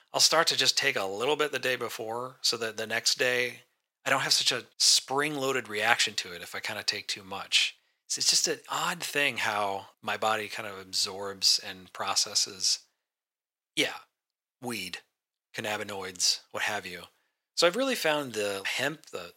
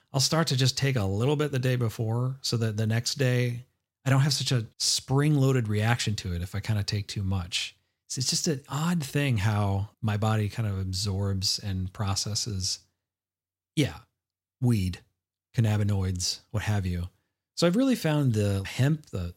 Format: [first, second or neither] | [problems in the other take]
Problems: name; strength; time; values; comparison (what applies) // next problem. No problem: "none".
second | thin; very; fading below 600 Hz